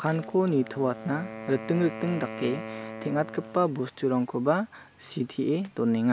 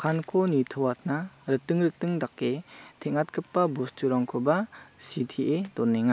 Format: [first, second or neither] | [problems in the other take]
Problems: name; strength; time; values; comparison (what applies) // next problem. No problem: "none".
second | background sound (Wind instrument, woodwind instrument); 14 dB below the speech